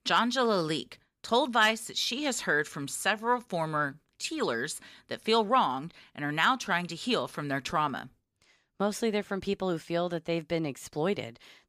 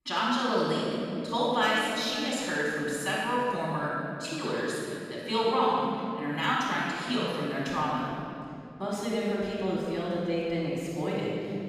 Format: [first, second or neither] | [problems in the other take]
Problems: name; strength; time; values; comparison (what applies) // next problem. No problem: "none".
first | room echo; strong; dies away in 2.9 s // off-mic speech; far